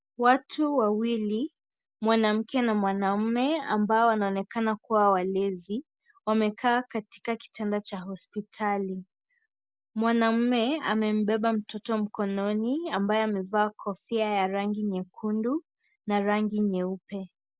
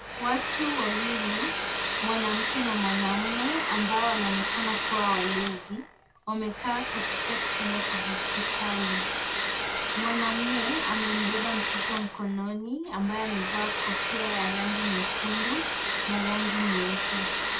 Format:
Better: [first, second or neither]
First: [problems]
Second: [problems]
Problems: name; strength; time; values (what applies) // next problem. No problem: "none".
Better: first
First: none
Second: background sound (Domestic sounds, home sounds); 1 dB above the speech // room echo; dies away in 0.2 s